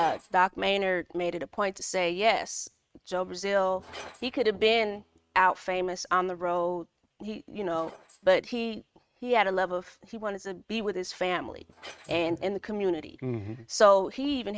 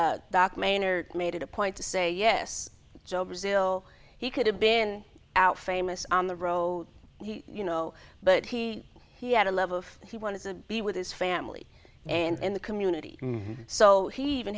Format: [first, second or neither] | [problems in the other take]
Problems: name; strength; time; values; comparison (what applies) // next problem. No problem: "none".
second | noise reduction (neural mask model RNNoise)